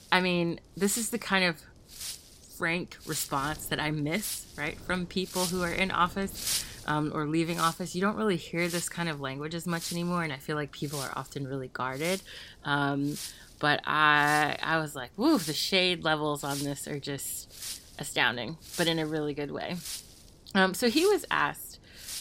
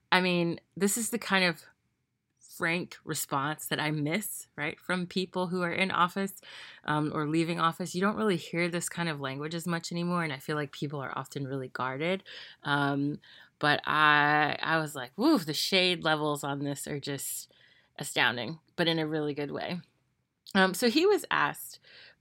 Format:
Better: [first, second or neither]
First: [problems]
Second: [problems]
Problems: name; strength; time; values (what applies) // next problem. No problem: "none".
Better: second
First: wind noise on the microphone; occasional gusts; 10 dB below the speech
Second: none